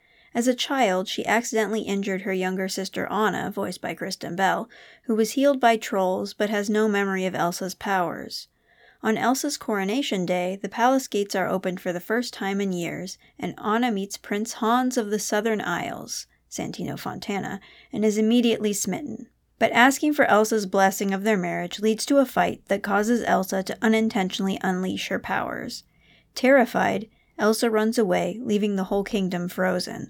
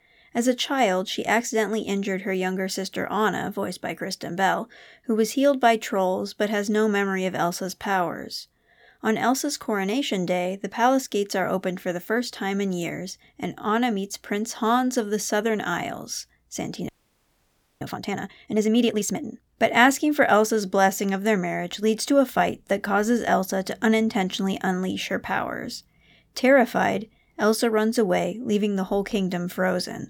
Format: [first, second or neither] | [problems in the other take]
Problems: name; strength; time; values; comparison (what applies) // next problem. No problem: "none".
first | audio freezing; at 17 s for 1 s